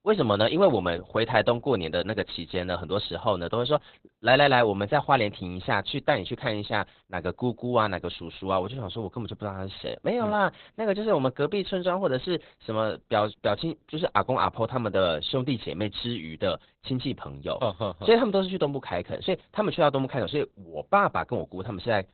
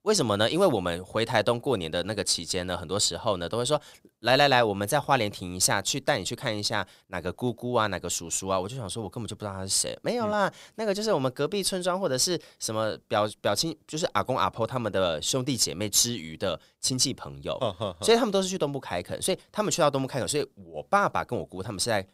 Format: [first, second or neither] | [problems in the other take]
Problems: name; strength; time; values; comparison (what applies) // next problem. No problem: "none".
second | garbled, watery; badly; nothing above 4 kHz